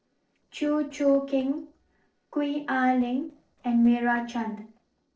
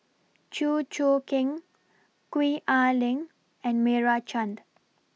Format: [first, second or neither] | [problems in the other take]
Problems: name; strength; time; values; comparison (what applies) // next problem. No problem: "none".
second | noise reduction (neural separator model SepFormer DNS4)